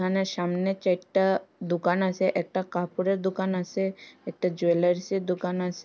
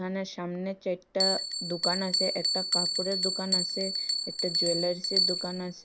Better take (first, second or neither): first